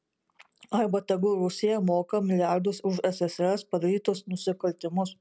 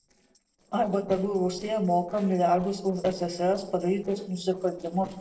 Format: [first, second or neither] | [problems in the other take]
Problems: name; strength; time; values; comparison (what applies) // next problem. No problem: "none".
first | noise reduction (neural separator model SepFormer DNS4)